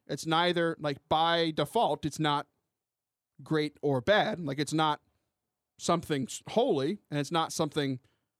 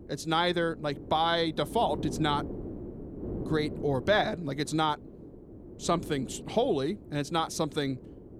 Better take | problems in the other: first | wind noise on the microphone; occasional gusts; 15 dB below the speech

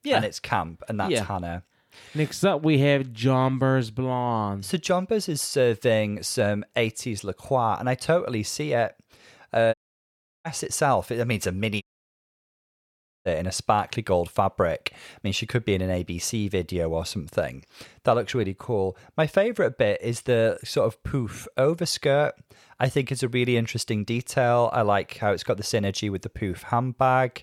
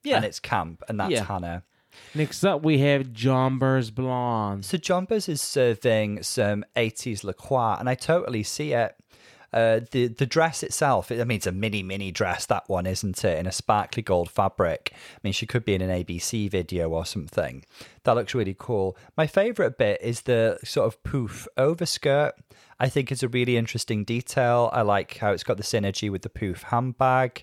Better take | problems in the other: second | audio cutting out; at 9.5 s for 0.5 s and at 12 s for 1.5 s

